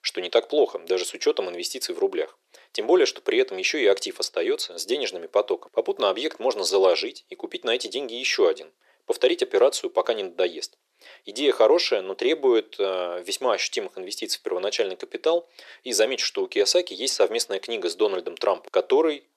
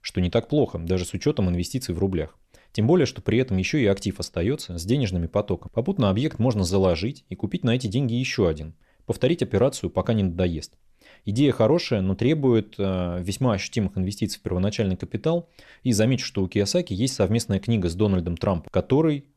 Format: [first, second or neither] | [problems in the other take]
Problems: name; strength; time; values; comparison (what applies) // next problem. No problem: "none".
second | thin; very; fading below 350 Hz